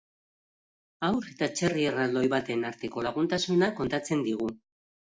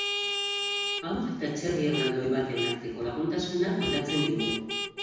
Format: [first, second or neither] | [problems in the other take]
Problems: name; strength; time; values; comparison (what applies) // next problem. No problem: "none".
first | background sound (Vehicle horn, car horn, honking); 4 dB below the speech // room echo; dies away in 1.1 s